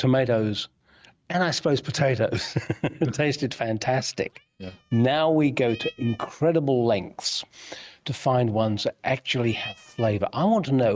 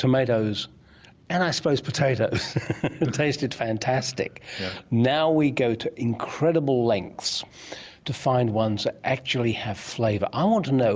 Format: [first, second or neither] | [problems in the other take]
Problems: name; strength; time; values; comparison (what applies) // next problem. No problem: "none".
second | noise reduction (neural mask model RNNoise)